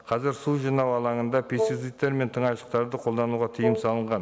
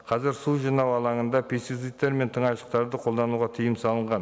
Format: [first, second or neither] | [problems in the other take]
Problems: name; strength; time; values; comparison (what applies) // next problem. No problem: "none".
second | background sound (Wind instrument, woodwind instrument); 3 dB below the speech